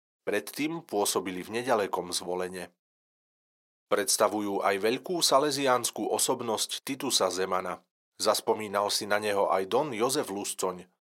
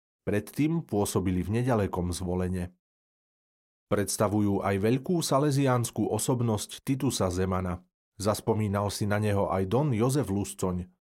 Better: second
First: thin; somewhat; fading below 450 Hz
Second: none

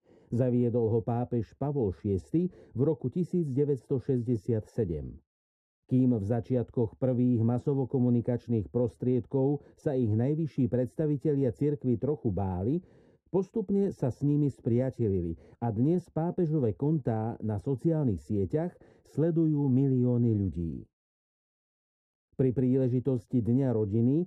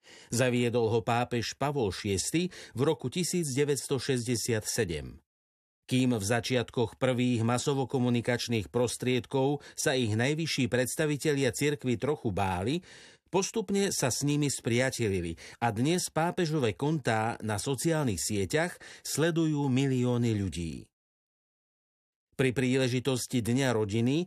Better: second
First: muffled; very; fading above 1 kHz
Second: none

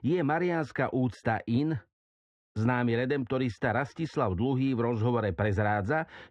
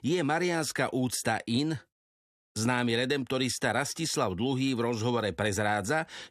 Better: second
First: muffled; very; fading above 2 kHz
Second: none

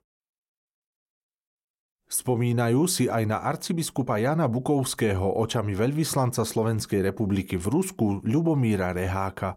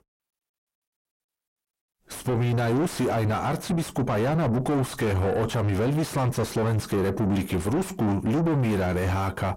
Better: first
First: none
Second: distortion; heavy; 7 dB below the speech

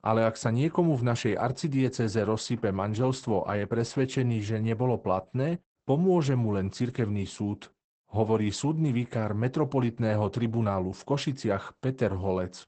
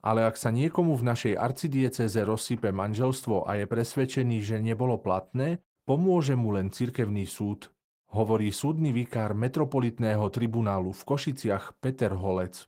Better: second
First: garbled, watery; badly; nothing above 8 kHz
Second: garbled, watery; slightly; nothing above 16 kHz

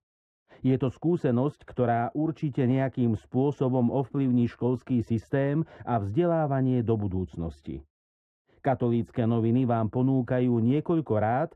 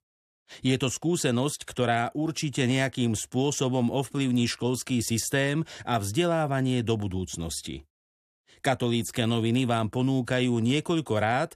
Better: second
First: muffled; very; fading above 3 kHz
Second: none

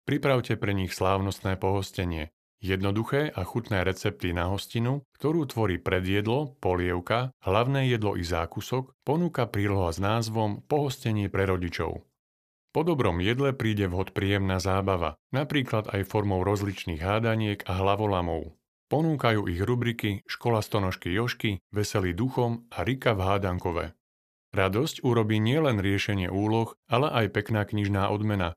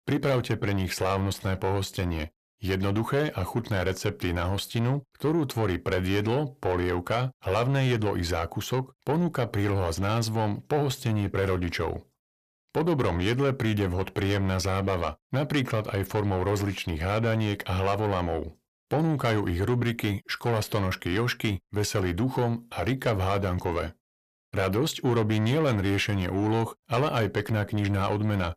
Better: first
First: none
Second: distortion; slight; 10 dB below the speech

